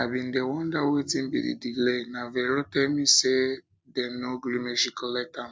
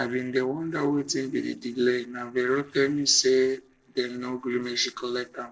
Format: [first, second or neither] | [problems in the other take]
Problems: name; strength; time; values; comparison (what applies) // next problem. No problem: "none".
first | noise reduction (neural separator model SepFormer DNS4)